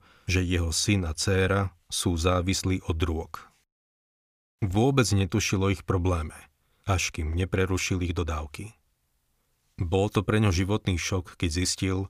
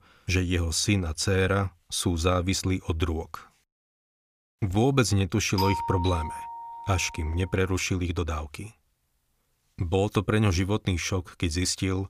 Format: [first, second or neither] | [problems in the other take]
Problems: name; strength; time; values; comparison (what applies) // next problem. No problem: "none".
first | doorbell; noticeable; from 5.5 to 7 s; peak 3 dB below the speech